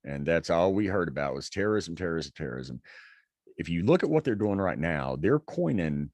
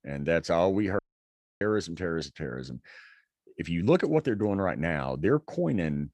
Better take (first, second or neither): first